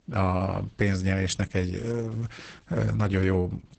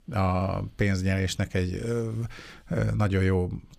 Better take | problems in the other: second | garbled, watery; badly; nothing above 8 kHz

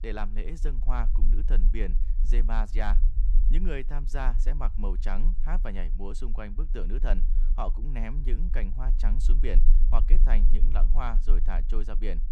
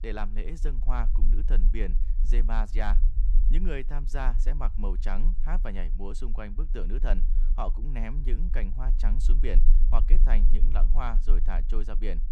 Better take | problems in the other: neither | low rumble; noticeable; throughout; 15 dB below the speech; the same in both

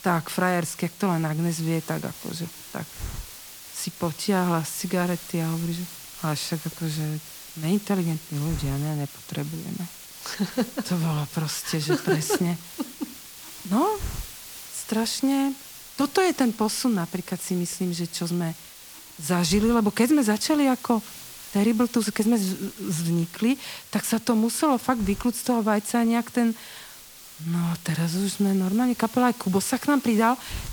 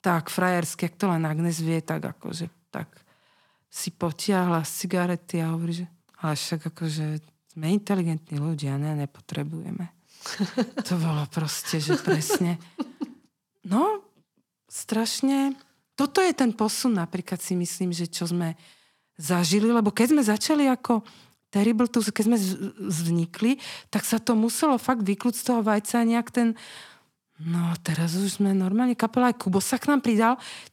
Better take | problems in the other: second | hiss; noticeable; throughout; 15 dB below the speech

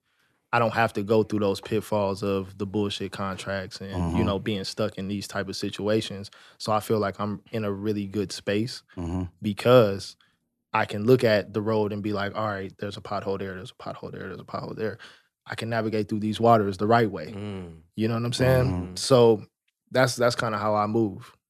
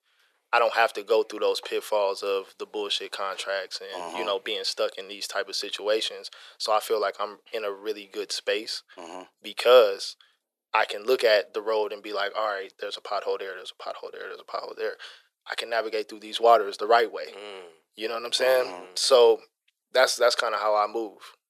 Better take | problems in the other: first | thin; very; fading below 450 Hz

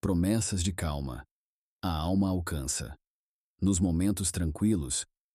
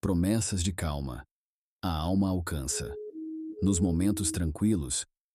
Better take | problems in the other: first | siren; noticeable; from 2.5 to 4.5 s; peak 9 dB below the speech

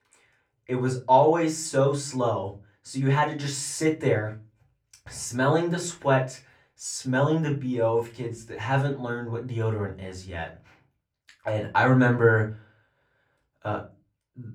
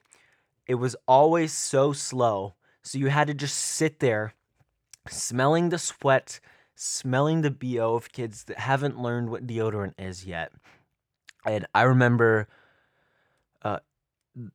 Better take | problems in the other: second | off-mic speech; far // room echo; very slight; dies away in 0.3 s

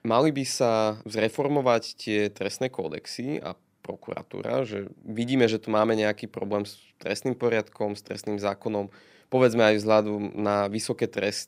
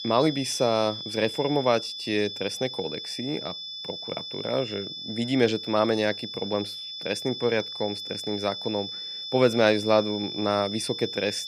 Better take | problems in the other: first | high-pitched whine; loud; throughout; 3.5 kHz, 7 dB below the speech

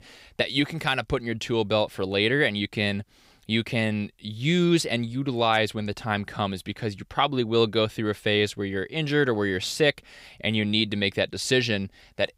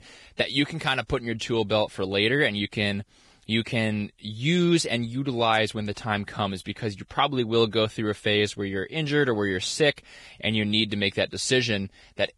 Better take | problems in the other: first | garbled, watery; badly; nothing above 10.5 kHz

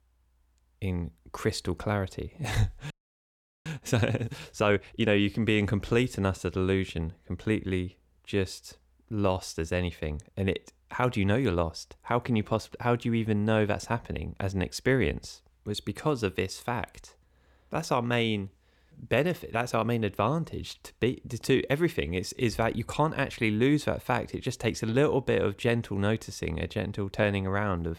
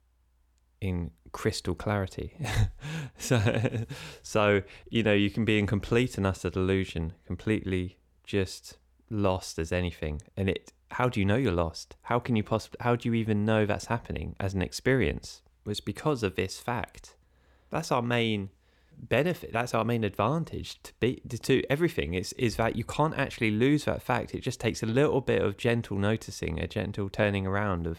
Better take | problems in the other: second | audio freezing; at 3 s for 1 s

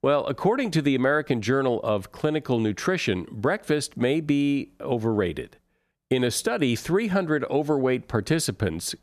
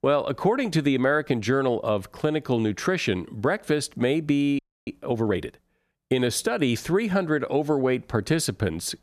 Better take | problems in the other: first | audio freezing; at 4.5 s

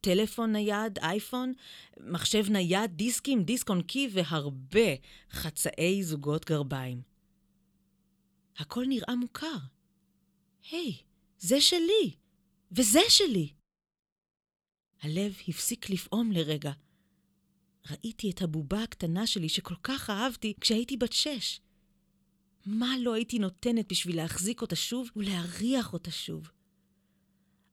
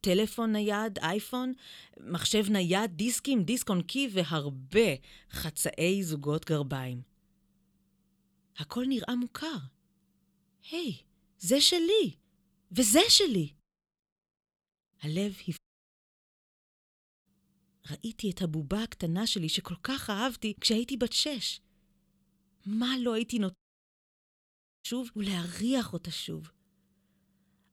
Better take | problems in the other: first | audio cutting out; at 16 s for 1.5 s and at 24 s for 1.5 s

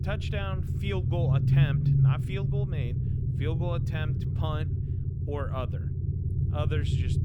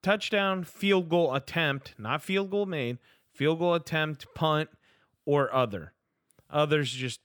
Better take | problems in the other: second | low rumble; loud; throughout; 2 dB below the speech

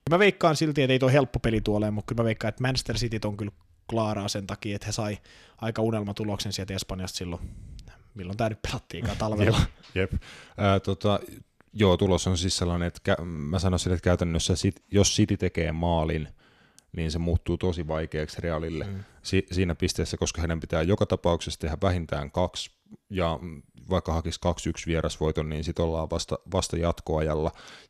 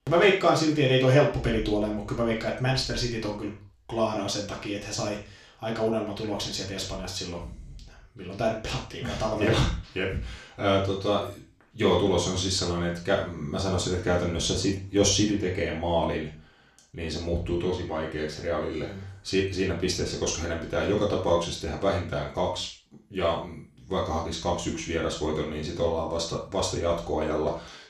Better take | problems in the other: first | room echo; noticeable; dies away in 0.3 s // off-mic speech; far

